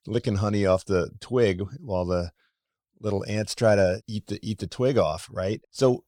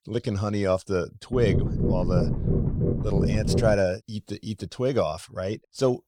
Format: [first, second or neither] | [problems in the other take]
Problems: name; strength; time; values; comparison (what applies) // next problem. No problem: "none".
first | low rumble; loud; from 1.5 to 3.5 s; 5 dB below the speech